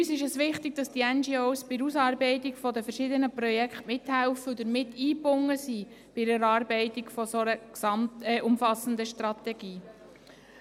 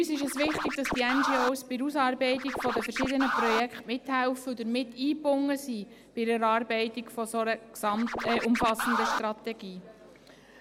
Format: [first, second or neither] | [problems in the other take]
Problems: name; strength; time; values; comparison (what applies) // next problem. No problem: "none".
first | background sound (Scratching (performance technique)); 2 dB below the speech